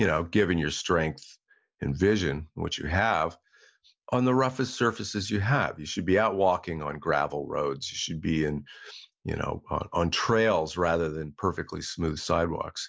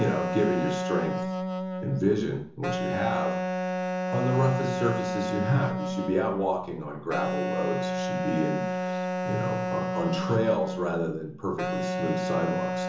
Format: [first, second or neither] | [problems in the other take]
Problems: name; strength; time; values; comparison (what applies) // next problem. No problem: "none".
first | background sound (Wind instrument, woodwind instrument); 1 dB below the speech // room echo; dies away in 0.6 s